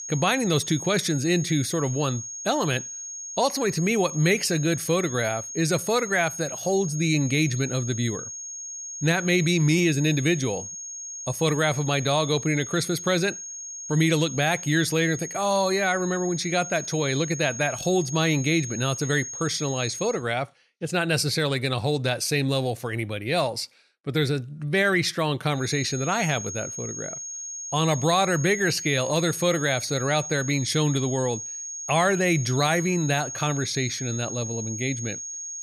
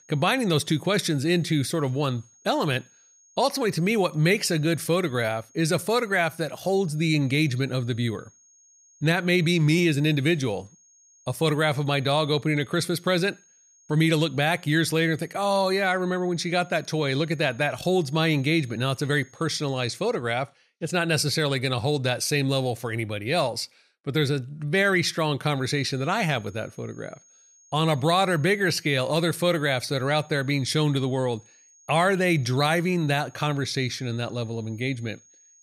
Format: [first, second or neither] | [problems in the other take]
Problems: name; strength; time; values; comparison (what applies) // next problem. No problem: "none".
second | high-pitched whine; loud; until 20 s and from 26 s on; 6.5 kHz, 8 dB below the speech; faint in the second